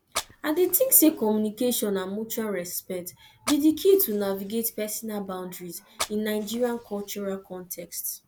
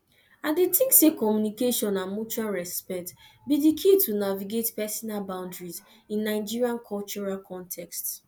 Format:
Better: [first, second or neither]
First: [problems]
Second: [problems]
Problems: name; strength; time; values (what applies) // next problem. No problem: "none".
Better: second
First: background sound (Fire); 15 dB below the speech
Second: none